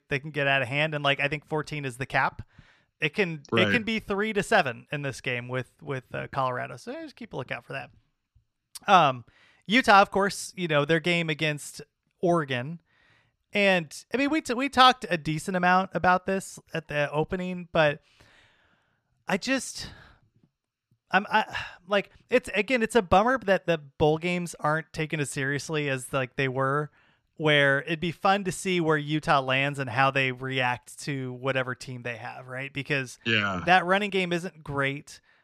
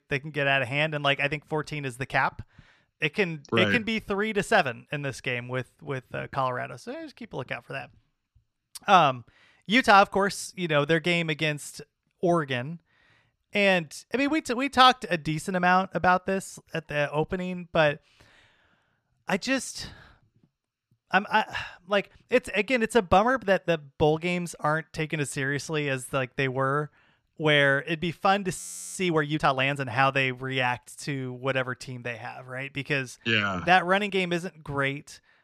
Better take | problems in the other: first | audio freezing; at 29 s

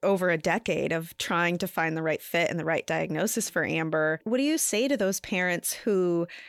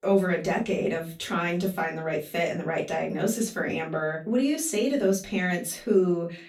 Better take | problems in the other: first | off-mic speech; far // room echo; very slight; dies away in 0.3 s

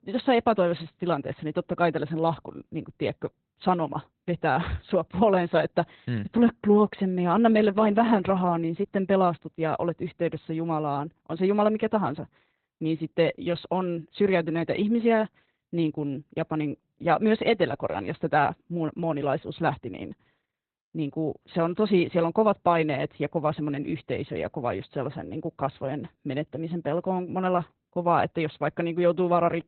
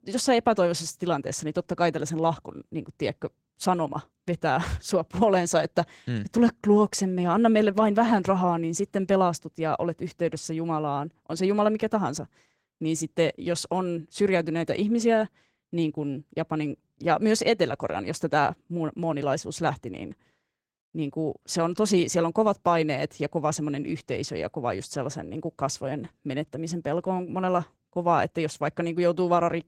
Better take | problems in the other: second | garbled, watery; badly; nothing above 4 kHz; slightly in the second

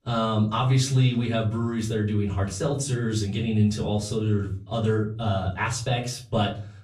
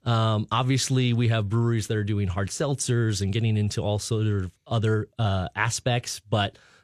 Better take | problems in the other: second | off-mic speech; far // room echo; very slight; dies away in 0.4 s

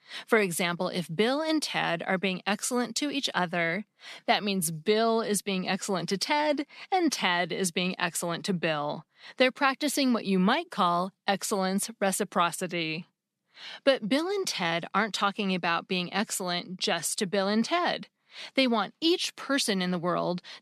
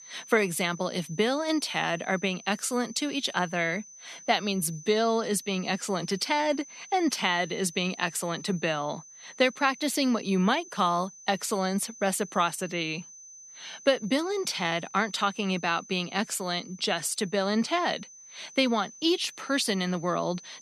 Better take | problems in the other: first | high-pitched whine; noticeable; throughout; 6 kHz, 20 dB below the speech

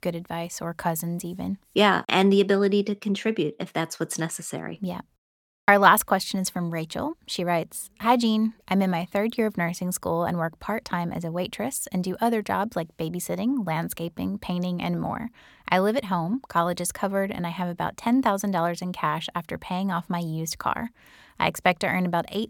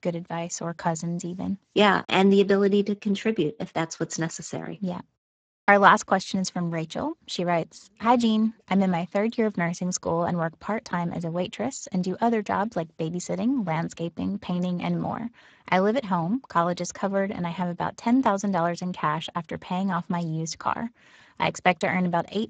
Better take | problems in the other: first | garbled, watery; badly; nothing above 7.5 kHz

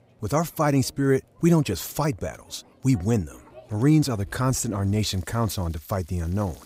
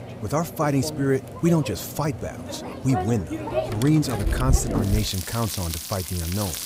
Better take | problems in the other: first | household noises; loud; throughout; 5 dB below the speech; faint in the first

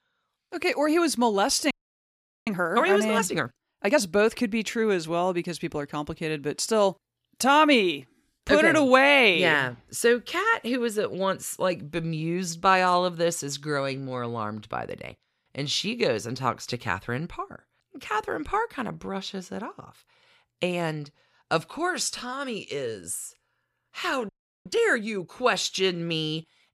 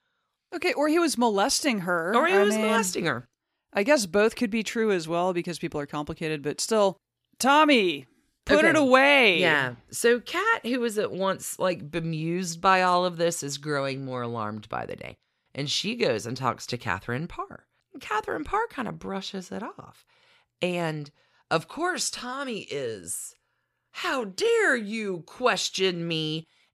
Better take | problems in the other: second | audio freezing; at 1.5 s for 1 s and at 24 s

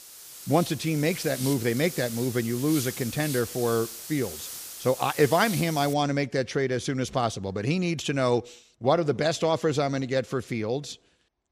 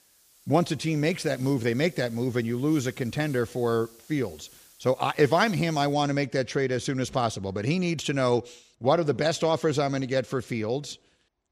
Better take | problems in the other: second | hiss; loud; until 6 s; 10 dB below the speech; faint in the second

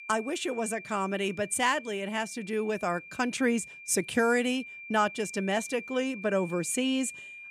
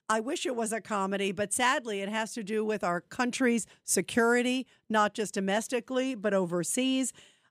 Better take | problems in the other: second | high-pitched whine; noticeable; throughout; 2.5 kHz, 15 dB below the speech

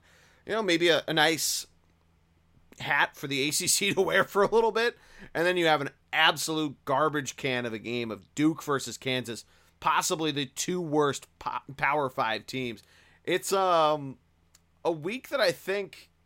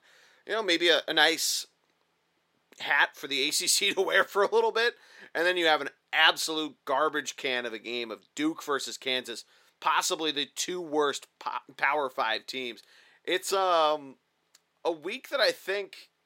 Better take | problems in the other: first | thin; somewhat; fading below 400 Hz

